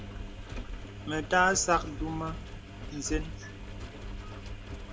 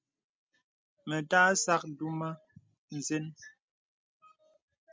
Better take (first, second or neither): second